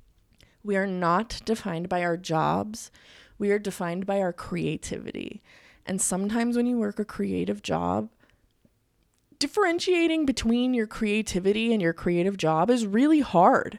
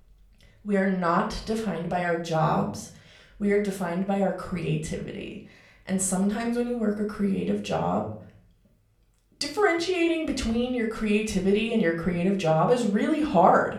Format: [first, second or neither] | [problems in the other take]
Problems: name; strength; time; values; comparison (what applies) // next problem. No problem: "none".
first | room echo; slight; dies away in 0.4 s // off-mic speech; somewhat distant